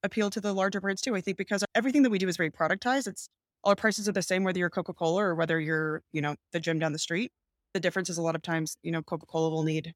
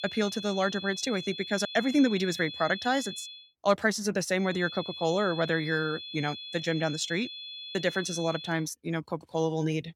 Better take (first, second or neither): first